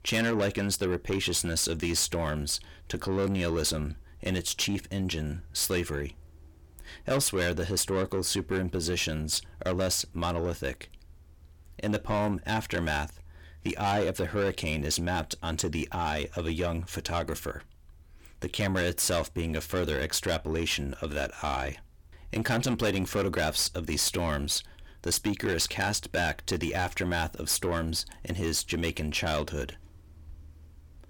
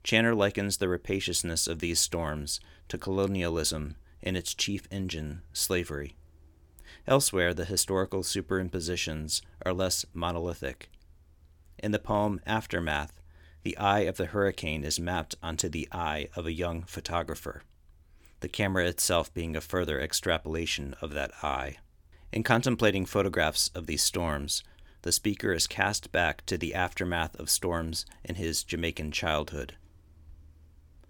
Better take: second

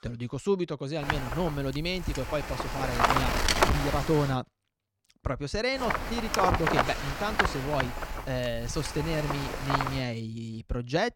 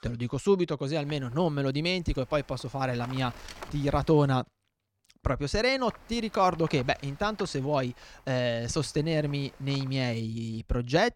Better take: second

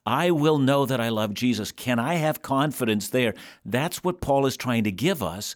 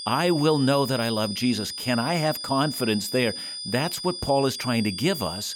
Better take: first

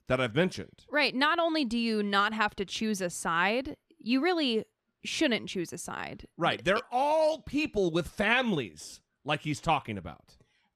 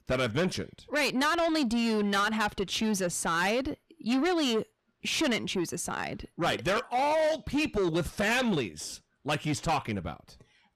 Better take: first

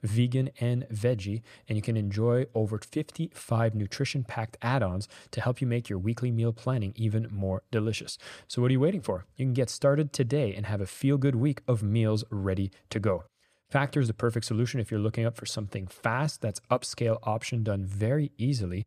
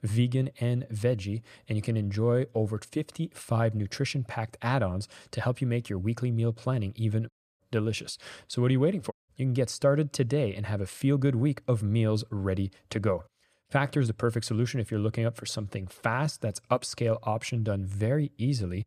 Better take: first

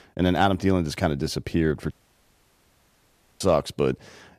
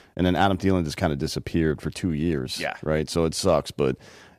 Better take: second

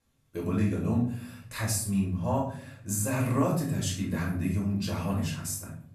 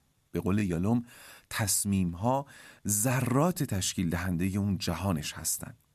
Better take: second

